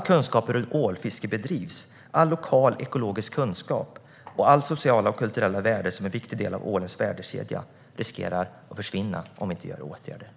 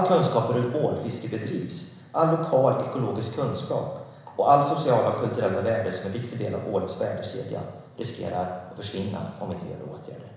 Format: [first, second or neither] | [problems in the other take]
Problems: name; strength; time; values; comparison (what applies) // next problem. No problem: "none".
first | room echo; dies away in 1 s